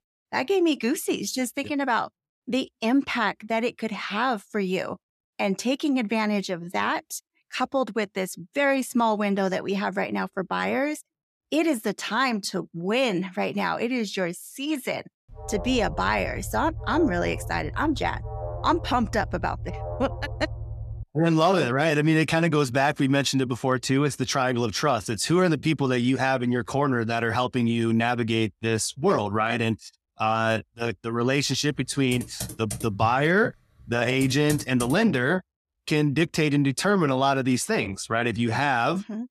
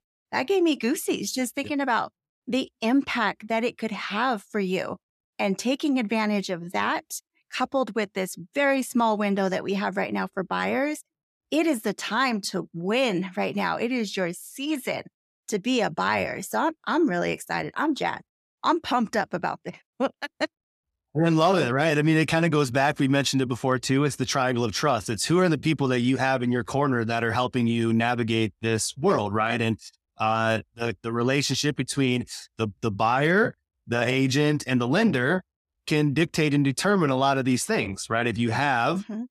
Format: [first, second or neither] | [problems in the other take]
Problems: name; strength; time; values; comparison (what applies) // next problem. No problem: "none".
second | alarm; noticeable; from 15 to 21 s; peak 9 dB below the speech // keyboard typing; noticeable; from 32 to 35 s; peak 8 dB below the speech